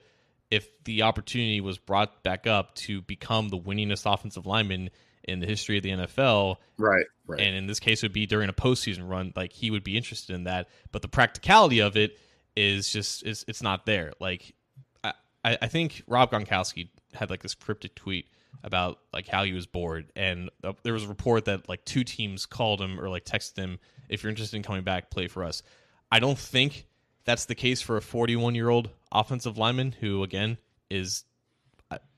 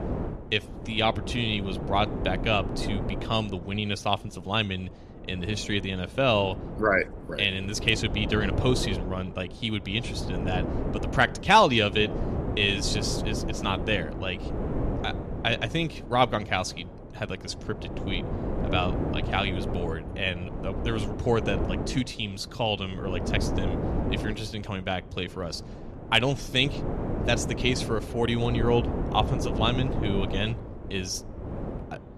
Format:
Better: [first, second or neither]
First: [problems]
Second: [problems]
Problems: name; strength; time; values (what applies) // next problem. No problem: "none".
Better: first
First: none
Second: wind noise on the microphone; occasional gusts; 10 dB below the speech